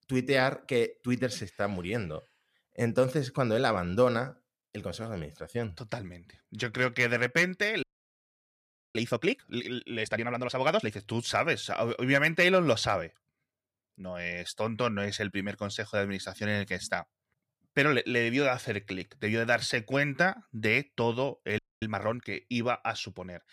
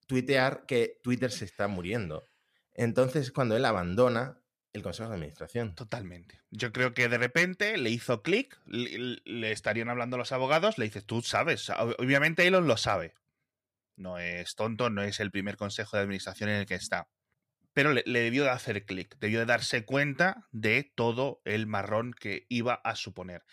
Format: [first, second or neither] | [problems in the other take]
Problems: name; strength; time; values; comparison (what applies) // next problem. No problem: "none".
second | audio freezing; at 8 s for 1 s and at 22 s